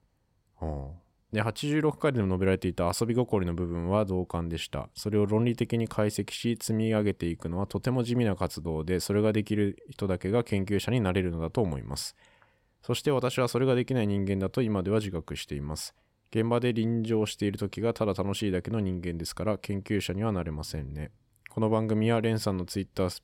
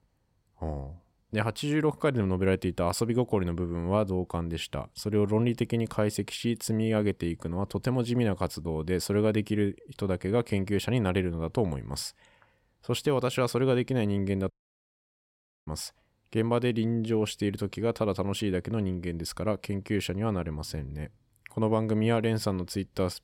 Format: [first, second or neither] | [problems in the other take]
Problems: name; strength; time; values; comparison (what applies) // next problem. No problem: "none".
first | audio cutting out; at 15 s for 1 s